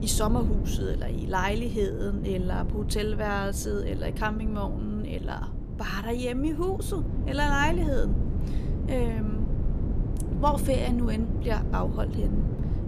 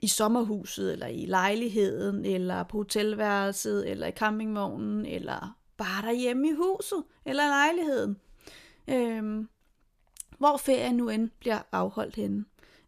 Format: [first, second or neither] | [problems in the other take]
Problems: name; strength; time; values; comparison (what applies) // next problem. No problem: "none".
second | low rumble; noticeable; throughout; 10 dB below the speech